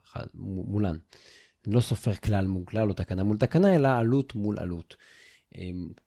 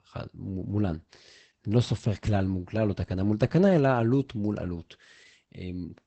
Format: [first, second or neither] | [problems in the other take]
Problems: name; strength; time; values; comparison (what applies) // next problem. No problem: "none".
first | garbled, watery; badly; nothing above 8 kHz; slightly in the first